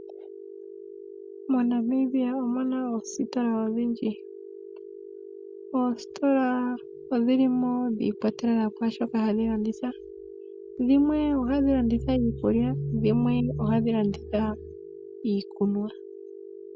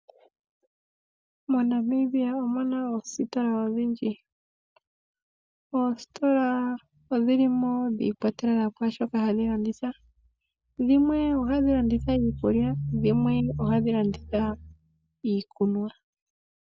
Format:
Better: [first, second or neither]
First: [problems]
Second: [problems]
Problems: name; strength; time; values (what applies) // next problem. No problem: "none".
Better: second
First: background sound (Telephone); 15 dB below the speech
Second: none